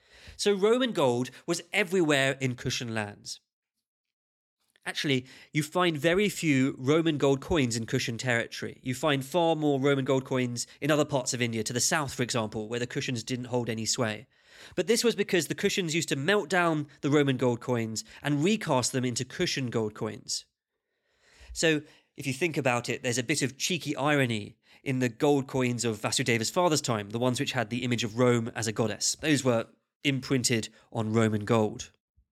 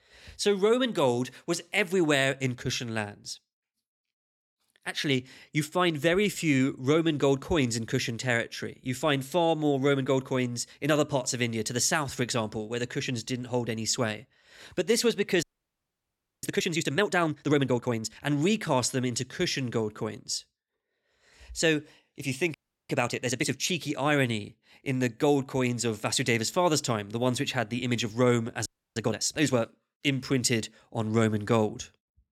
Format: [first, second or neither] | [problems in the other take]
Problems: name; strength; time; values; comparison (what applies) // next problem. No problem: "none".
first | audio freezing; at 15 s for 1 s, at 23 s and at 29 s